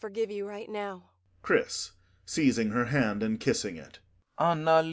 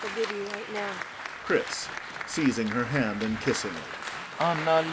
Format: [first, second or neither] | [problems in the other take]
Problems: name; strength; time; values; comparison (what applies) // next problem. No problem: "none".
first | background sound (Applause); 7 dB below the speech